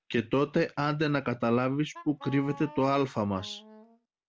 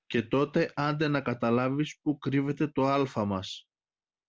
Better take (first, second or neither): second